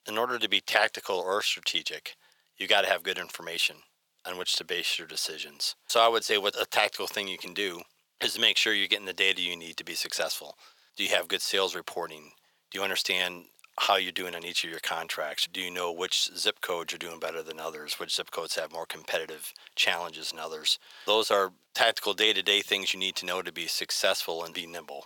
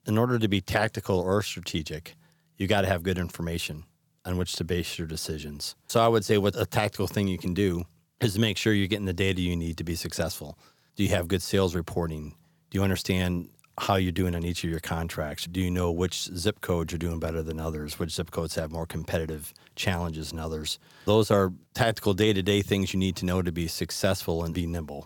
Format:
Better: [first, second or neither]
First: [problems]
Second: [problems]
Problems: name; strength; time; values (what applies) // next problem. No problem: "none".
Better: second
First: thin; very; fading below 650 Hz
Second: none